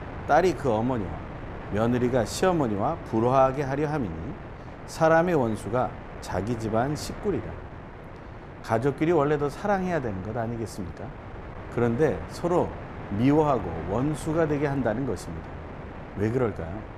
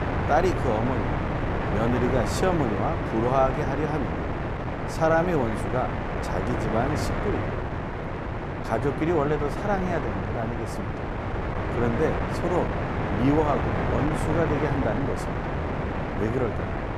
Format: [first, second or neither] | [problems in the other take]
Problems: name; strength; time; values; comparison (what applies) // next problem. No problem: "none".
first | wind noise on the microphone; heavy; 3 dB below the speech; occasional gusts in the first